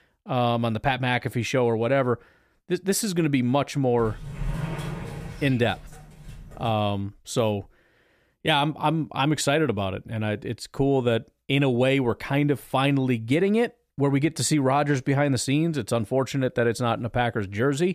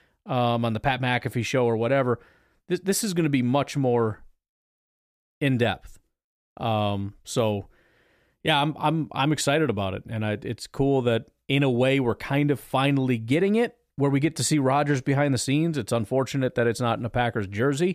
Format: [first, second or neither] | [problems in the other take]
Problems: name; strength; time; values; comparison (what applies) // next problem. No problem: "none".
second | door banging; noticeable; from 4 to 6.5 s; peak 6 dB below the speech